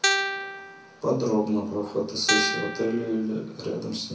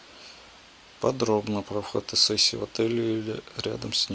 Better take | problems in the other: second | background sound (Guitar); 1 dB above the speech // room echo; dies away in 0.6 s

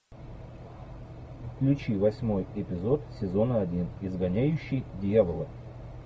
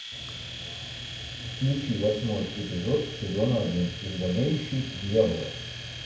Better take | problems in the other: first | background sound (Domestic sounds, home sounds); 11 dB below the speech // room echo; dies away in 0.6 s

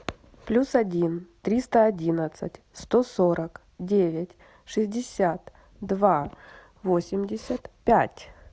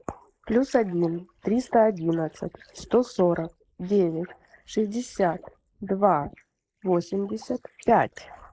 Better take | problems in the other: first | noise reduction (neural mask model Resemble Enhance denoiser)

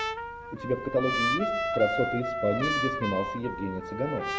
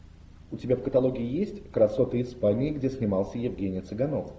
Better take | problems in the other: second | background sound (Trumpet); 1 dB below the speech

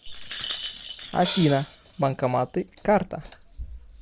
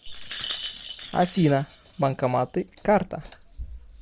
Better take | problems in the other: second | background sound (Hi-hat); 8 dB below the speech

